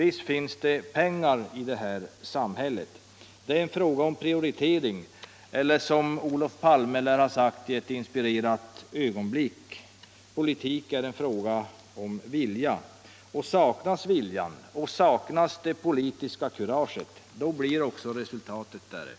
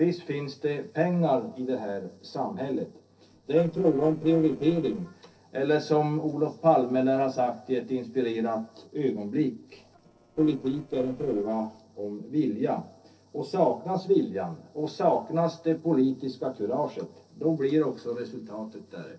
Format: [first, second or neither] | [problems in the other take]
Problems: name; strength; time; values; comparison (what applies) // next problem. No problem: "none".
first | noise reduction (neural separator model SepFormer DNS4)